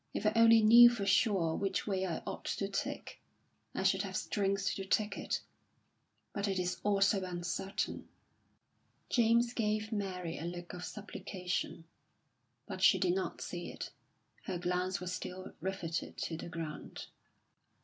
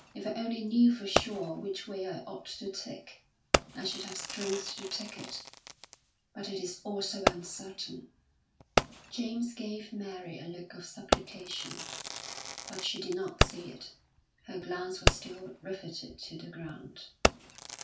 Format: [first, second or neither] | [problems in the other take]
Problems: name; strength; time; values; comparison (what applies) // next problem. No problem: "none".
first | background sound (Fireworks); 2 dB above the speech // room echo; dies away in 0.3 s